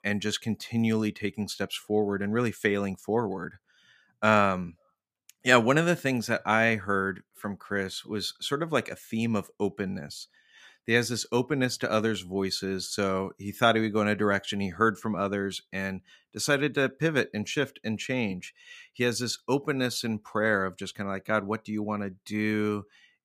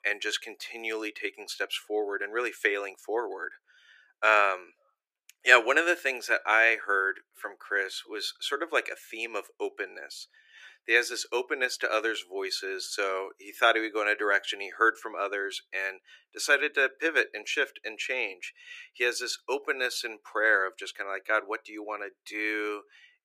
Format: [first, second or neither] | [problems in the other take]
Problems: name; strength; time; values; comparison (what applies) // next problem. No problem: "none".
first | thin; very; fading below 350 Hz